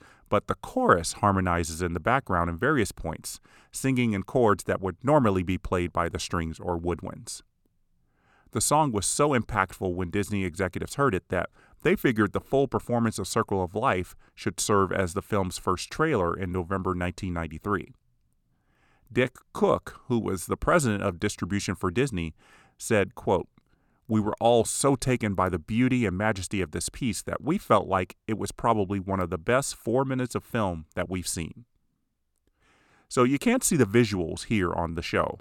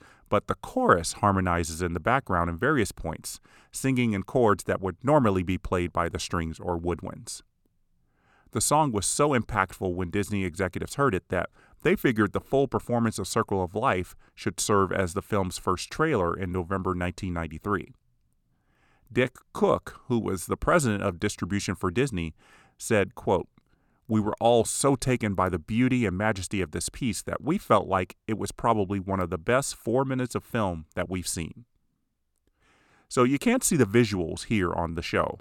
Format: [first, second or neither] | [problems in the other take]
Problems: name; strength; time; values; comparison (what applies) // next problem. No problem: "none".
neither | none